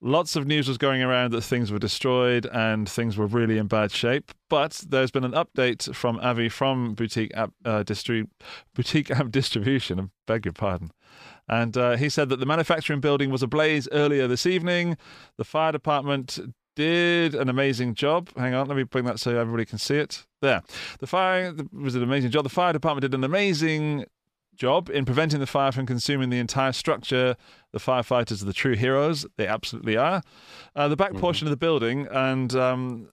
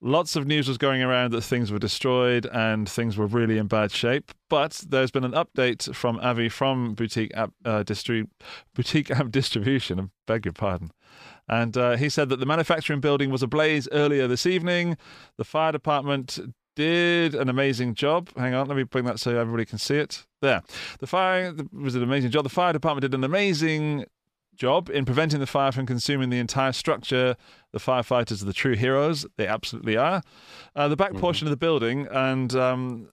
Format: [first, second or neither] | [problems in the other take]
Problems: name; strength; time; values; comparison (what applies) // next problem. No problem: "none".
neither | none